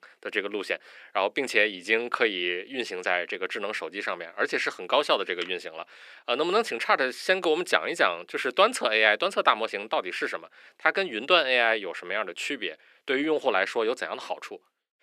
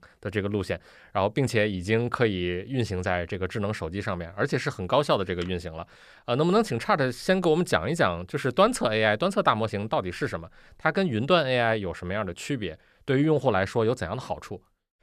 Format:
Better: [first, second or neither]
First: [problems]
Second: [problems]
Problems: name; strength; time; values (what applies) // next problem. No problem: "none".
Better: second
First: thin; somewhat; fading below 300 Hz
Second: none